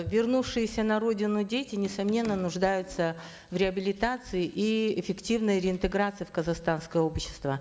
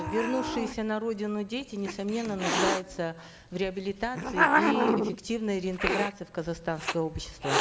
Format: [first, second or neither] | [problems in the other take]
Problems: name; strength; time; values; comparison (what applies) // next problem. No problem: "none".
first | background sound (Hiss); as loud as the speech